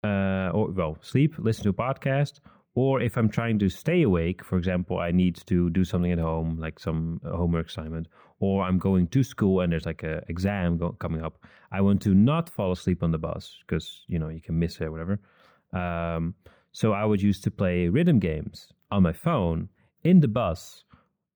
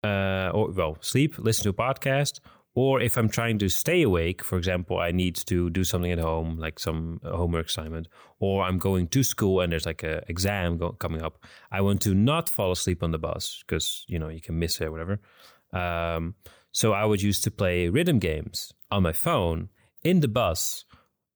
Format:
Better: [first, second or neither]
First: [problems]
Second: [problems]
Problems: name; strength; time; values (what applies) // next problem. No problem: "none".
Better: second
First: muffled; slightly; fading above 3.5 kHz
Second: none